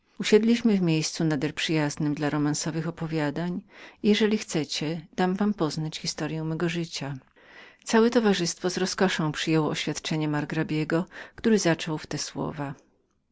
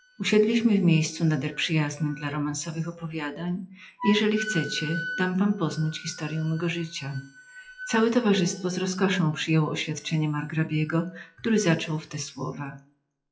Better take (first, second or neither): first